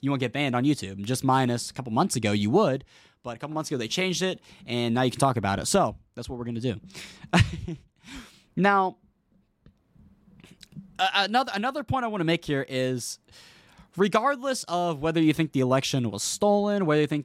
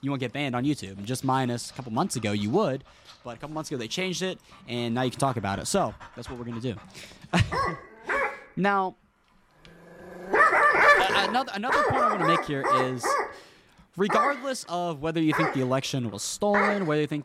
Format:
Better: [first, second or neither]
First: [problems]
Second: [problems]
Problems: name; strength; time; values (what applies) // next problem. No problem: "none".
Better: first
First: none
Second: animal sounds; very loud; throughout; 4 dB above the speech